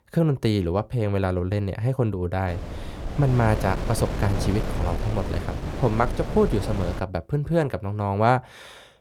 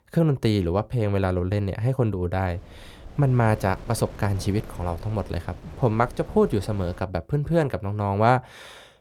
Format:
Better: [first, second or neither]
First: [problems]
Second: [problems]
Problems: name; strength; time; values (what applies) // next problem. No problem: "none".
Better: second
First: wind noise on the microphone; heavy; from 2.5 to 7 s; 8 dB below the speech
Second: wind noise on the microphone; occasional gusts; from 2.5 to 7 s; 20 dB below the speech